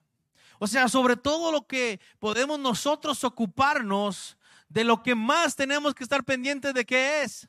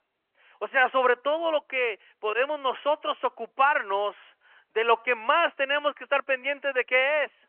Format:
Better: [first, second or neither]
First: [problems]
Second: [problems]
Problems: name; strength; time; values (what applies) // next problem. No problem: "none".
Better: first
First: none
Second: phone-call audio; nothing above 3 kHz